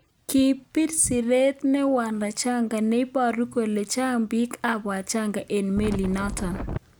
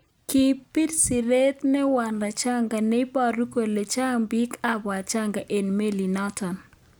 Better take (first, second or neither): second